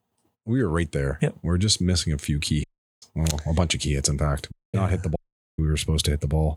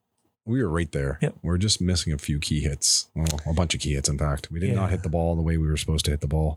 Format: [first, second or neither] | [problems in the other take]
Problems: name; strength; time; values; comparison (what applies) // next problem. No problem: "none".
second | audio cutting out; at 2.5 s, at 4.5 s and at 5 s